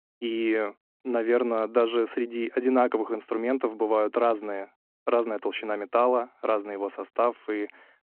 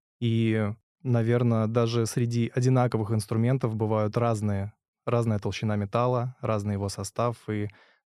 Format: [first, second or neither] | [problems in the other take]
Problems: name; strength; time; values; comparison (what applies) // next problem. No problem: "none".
second | phone-call audio